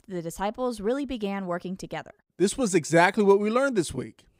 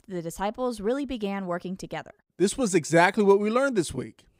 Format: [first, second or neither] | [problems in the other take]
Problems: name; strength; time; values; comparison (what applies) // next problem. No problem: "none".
neither | none